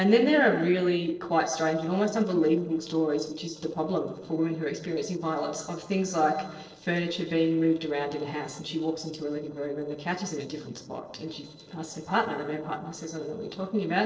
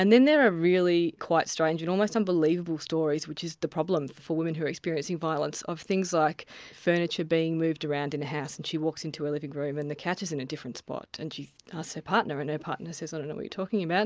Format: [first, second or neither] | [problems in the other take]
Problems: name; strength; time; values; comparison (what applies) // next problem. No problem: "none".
second | noise reduction (neural separator model SepFormer DNS4)